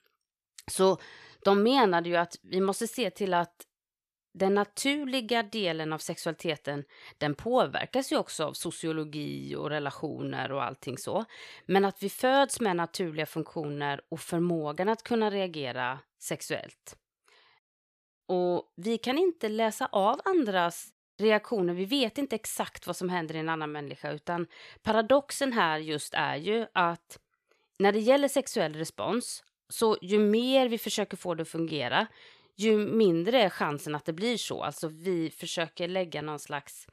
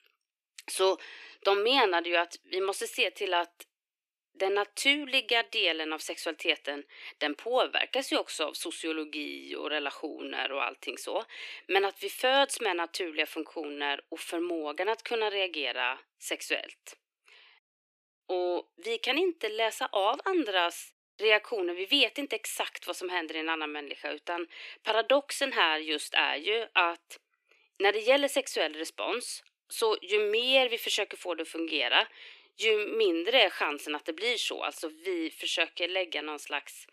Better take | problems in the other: first | thin; somewhat; fading below 300 Hz

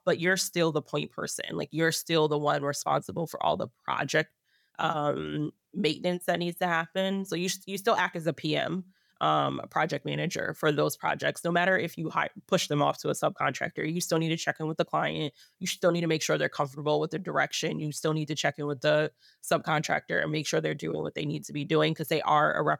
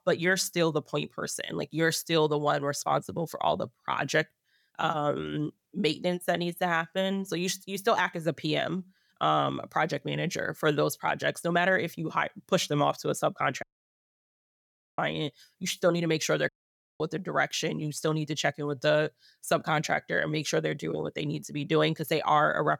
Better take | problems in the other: first | audio cutting out; at 14 s for 1.5 s and at 16 s for 0.5 s

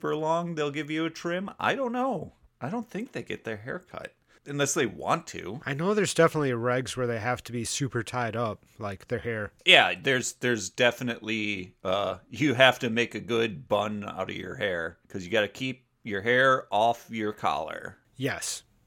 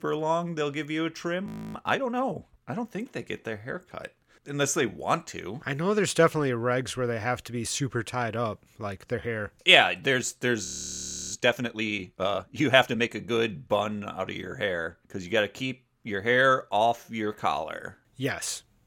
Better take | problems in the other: first | audio freezing; at 1.5 s and at 11 s for 0.5 s

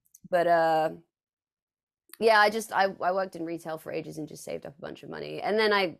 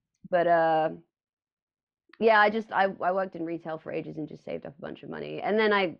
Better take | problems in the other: first | muffled; slightly; fading above 3.5 kHz

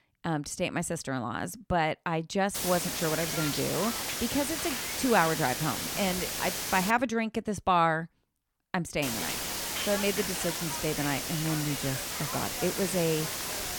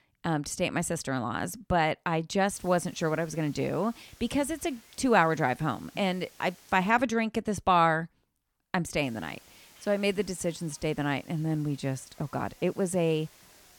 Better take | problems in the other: second | hiss; loud; from 2.5 to 7 s and from 9 s on; 1 dB below the speech; faint in the second

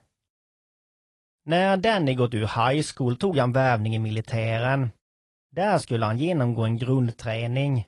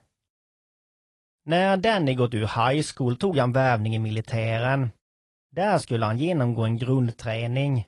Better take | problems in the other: neither | garbled, watery; slightly; nothing above 10 kHz; the same in both

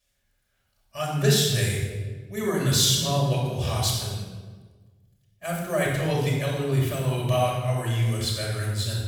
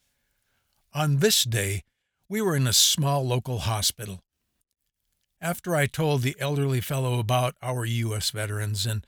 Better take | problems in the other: second | off-mic speech; far // room echo; strong; dies away in 1.2 s

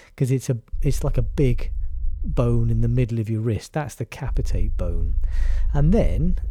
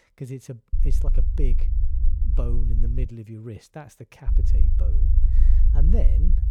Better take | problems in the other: first | low rumble; loud; from 0.5 to 3 s and from 4.5 s on; 4 dB below the speech; faint in the first

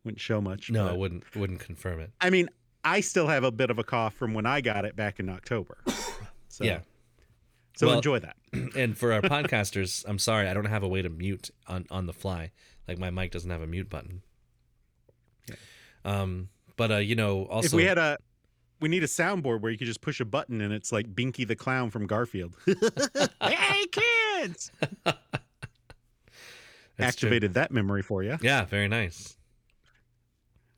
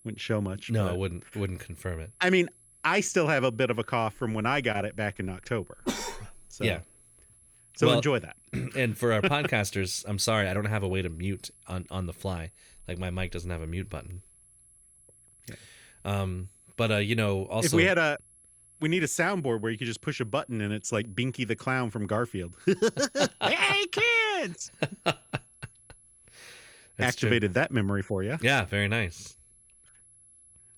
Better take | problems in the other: first | high-pitched whine; faint; throughout; 11 kHz, 25 dB below the speech

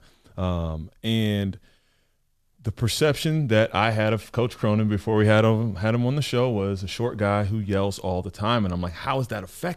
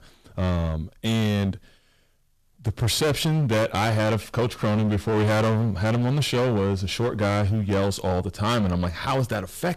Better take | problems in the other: first | distortion; heavy; 19% of the sound clipped

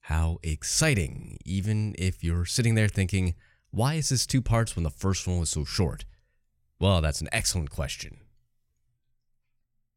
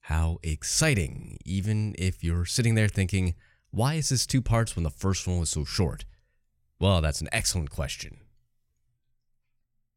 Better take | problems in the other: neither | none

